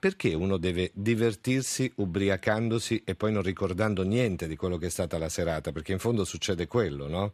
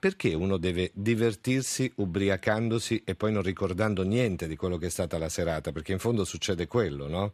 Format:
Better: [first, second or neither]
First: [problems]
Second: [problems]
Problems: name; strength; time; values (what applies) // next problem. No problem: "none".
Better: neither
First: none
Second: none